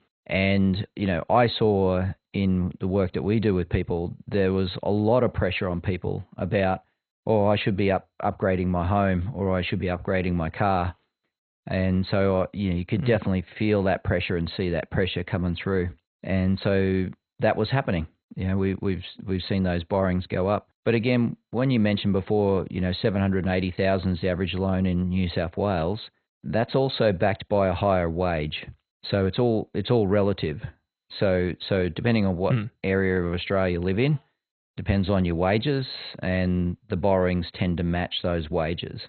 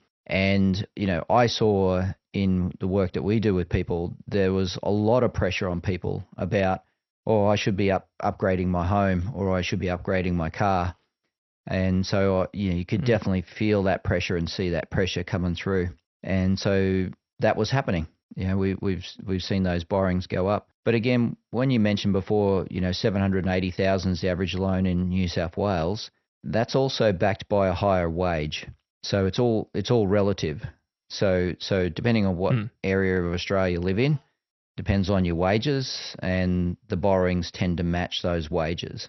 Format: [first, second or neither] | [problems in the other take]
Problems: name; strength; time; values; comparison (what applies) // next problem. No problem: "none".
second | garbled, watery; badly; nothing above 4 kHz; slightly in the second